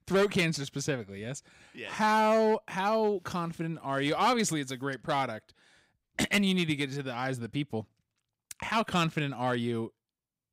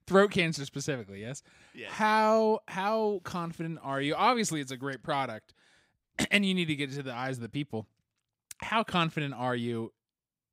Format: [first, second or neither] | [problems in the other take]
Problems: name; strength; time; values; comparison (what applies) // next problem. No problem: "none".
second | distortion; slight; 3% of the sound clipped